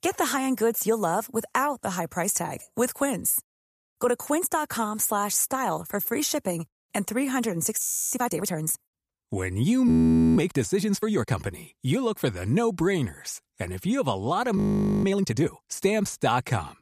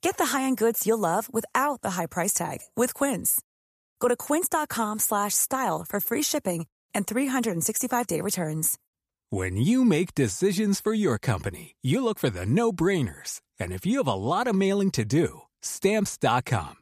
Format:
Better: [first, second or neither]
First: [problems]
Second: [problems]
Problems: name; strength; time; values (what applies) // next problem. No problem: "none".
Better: second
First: audio freezing; at 8 s, at 10 s and at 15 s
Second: none